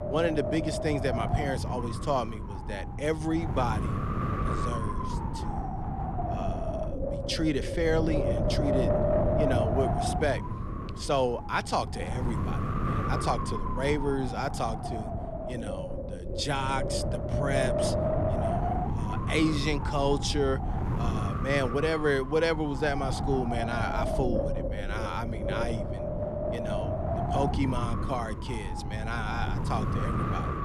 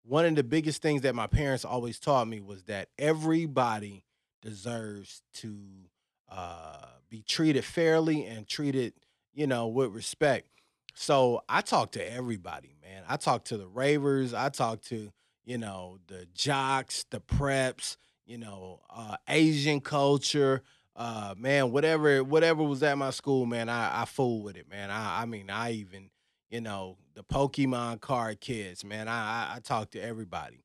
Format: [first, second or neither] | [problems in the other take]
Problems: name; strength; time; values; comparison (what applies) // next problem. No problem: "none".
second | wind noise on the microphone; heavy; 2 dB below the speech